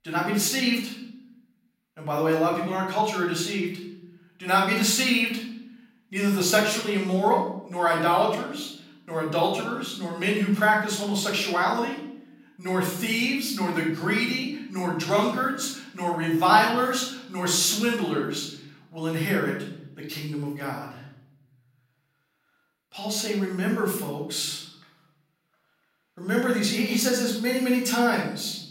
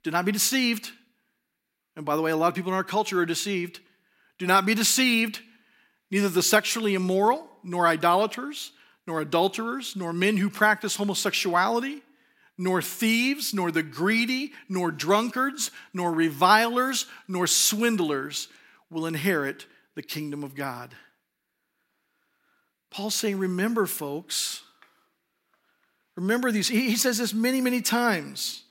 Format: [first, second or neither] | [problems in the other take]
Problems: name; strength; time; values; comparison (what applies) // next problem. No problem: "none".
second | off-mic speech; far // room echo; noticeable; dies away in 0.9 s